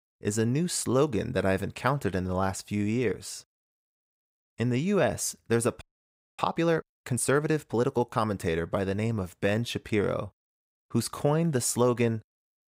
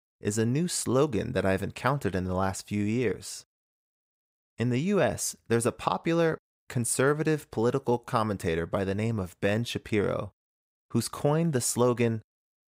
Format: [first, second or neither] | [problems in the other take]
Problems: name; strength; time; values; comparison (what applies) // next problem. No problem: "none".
second | audio freezing; at 6 s for 0.5 s